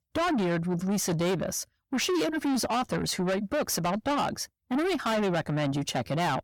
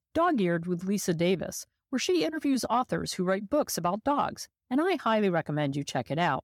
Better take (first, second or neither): second